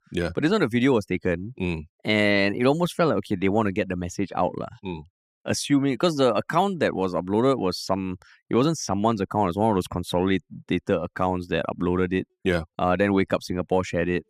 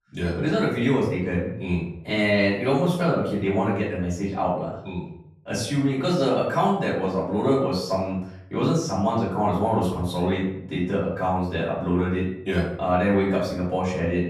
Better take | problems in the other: first | off-mic speech; far // room echo; noticeable; dies away in 0.6 s

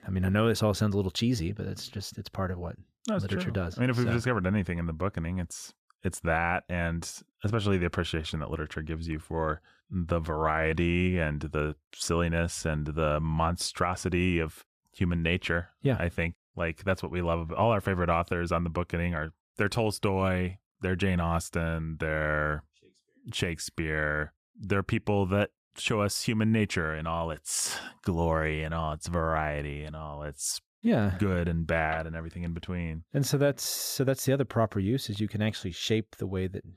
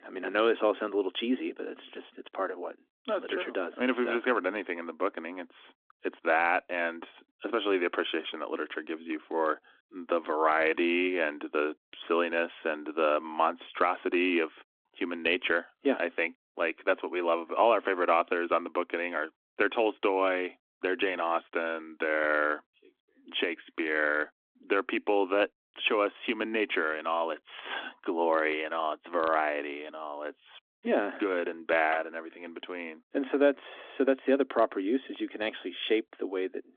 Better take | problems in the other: first | phone-call audio; nothing above 3.5 kHz

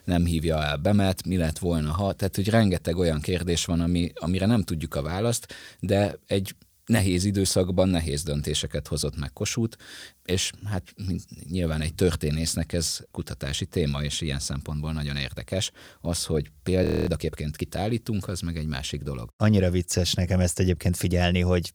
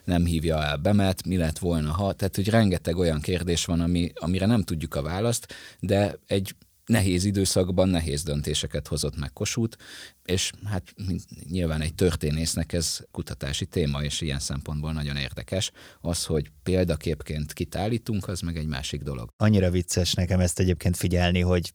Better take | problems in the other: second | audio freezing; at 17 s

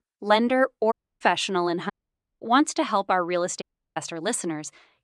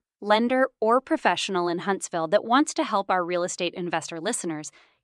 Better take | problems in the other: second | audio cutting out; at 1 s, at 2 s for 0.5 s and at 3.5 s

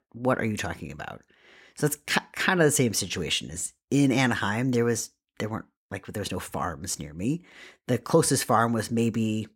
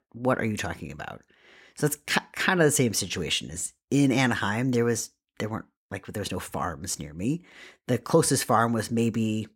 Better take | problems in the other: neither | none

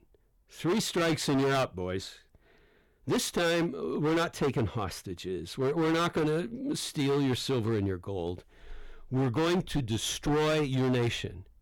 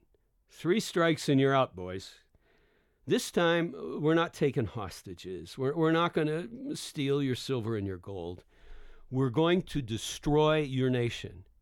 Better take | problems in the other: second | distortion; heavy; 15% of the sound clipped

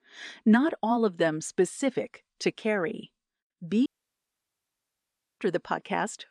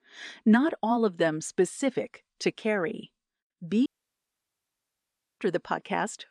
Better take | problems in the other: neither | audio cutting out; at 4 s for 1.5 s; the same in both

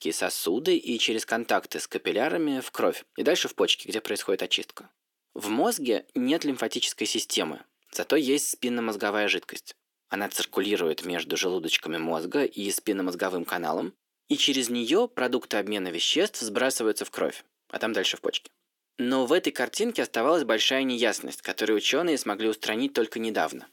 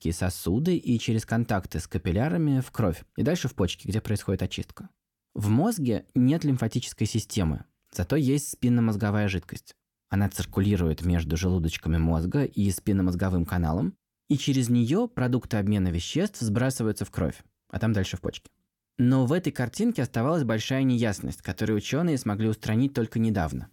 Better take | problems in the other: second | thin; somewhat; fading below 350 Hz

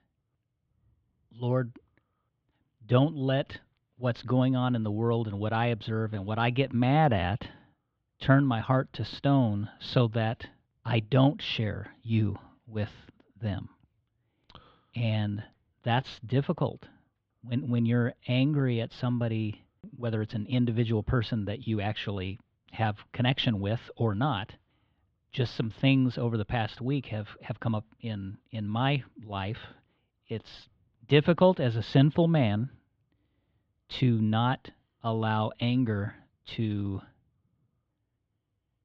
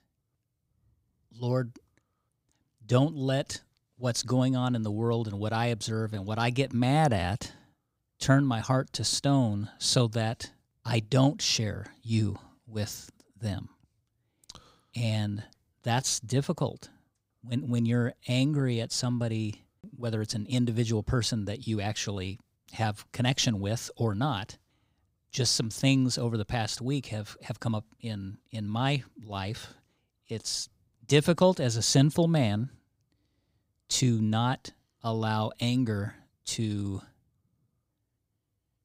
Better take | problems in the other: second | muffled; very; fading above 3.5 kHz

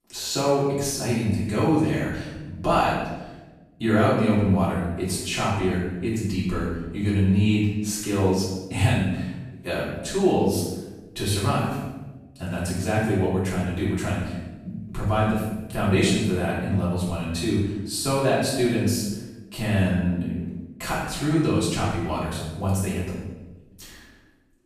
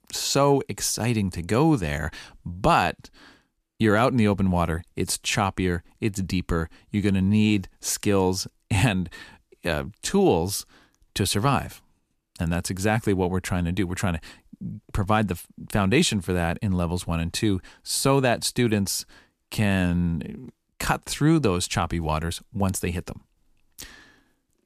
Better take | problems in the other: second | off-mic speech; far // room echo; strong; dies away in 1 s

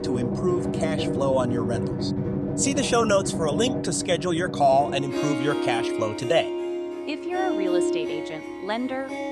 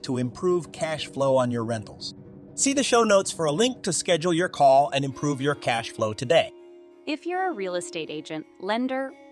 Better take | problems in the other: second | background music; loud; throughout; 2 dB below the speech; faint in the second

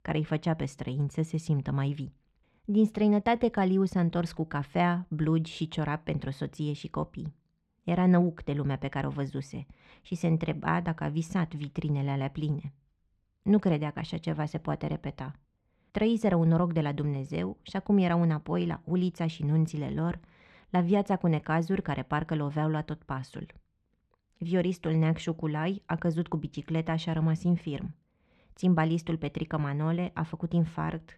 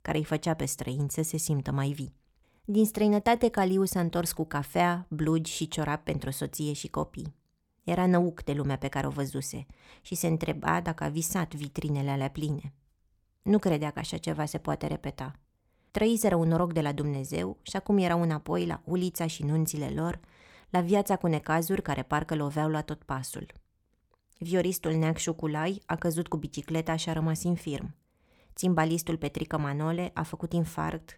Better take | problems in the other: second | muffled; slightly; fading above 3 kHz

